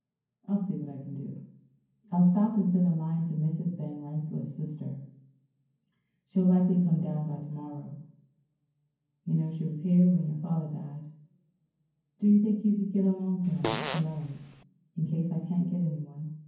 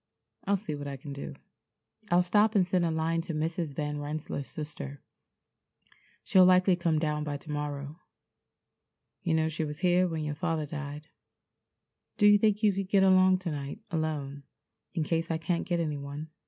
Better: second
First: background sound (Fart); 7 dB below the speech // room echo; dies away in 0.9 s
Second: none

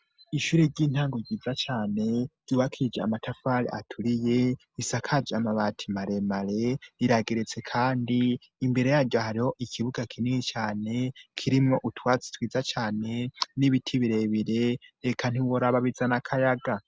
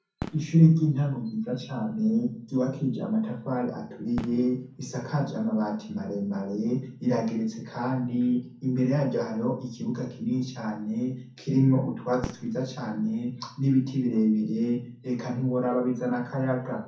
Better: first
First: none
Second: background sound (Fireworks); 18 dB below the speech // room echo; dies away in 0.6 s

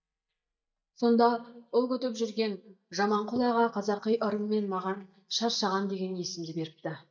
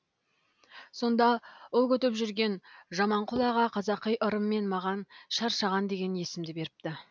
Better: second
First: noise reduction (neural mask model DeepFilterNet 3)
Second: none

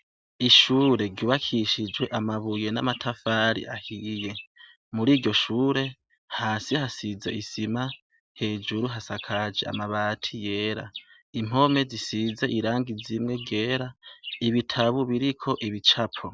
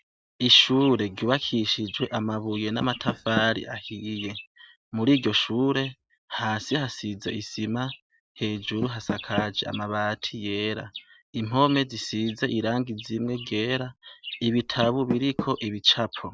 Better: first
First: none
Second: background sound (Door); 15 dB below the speech

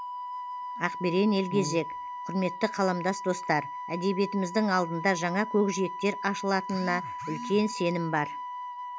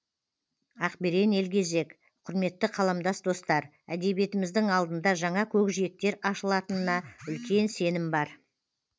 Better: second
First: background sound (Brass instrument + Wind instrument, woodwind instrument); 8 dB below the speech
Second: none

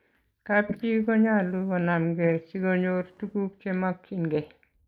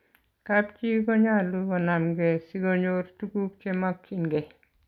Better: second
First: noise reduction (neural mask model Resemble Enhance denoiser)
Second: none

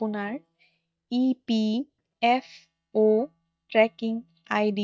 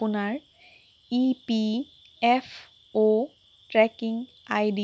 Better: second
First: noise reduction (neural mask model DeepFilterNet 3)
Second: none

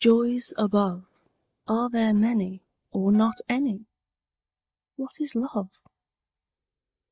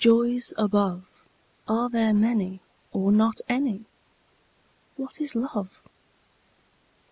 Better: second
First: noise reduction (neural mask model DeepFilterNet 3)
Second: none

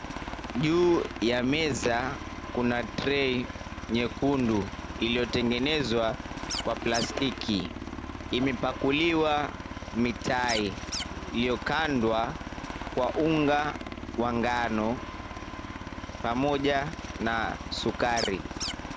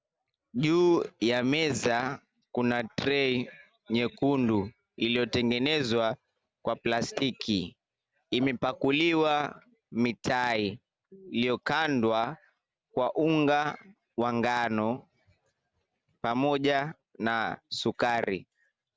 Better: second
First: background sound (Aircraft + Scratching (performance technique)); 8 dB below the speech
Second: none

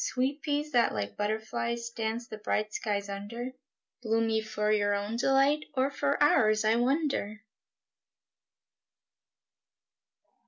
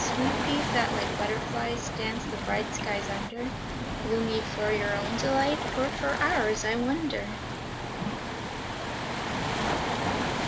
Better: first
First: none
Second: background sound (Waves, surf); as loud as the speech

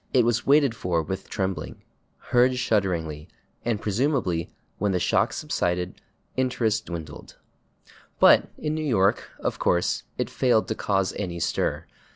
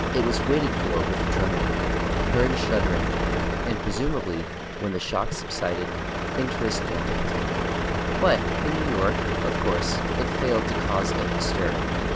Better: first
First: none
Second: background sound (Truck); 3 dB above the speech

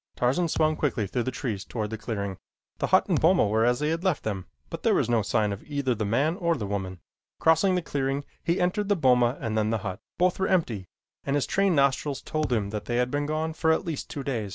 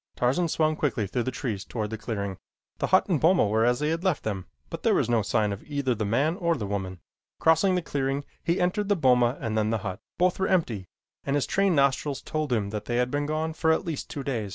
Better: second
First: background sound (Thump, thud); 14 dB below the speech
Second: none

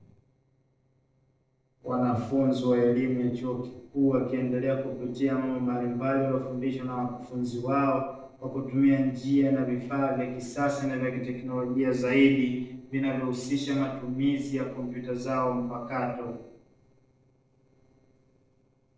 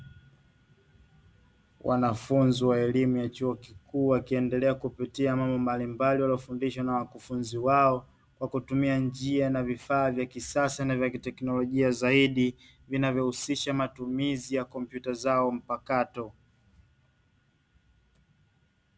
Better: second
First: noise reduction (neural separator model SepFormer DNS4)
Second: none

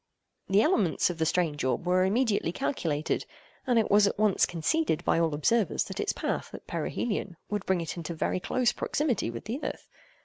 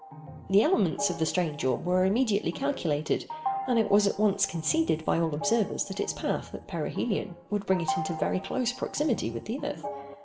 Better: first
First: none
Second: background sound (Organ); 11 dB below the speech // room echo; dies away in 0.4 s

